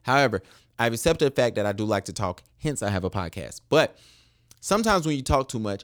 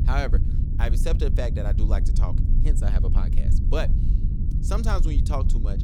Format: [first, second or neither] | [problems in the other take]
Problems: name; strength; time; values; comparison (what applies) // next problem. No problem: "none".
first | low rumble; loud; throughout; 7 dB below the speech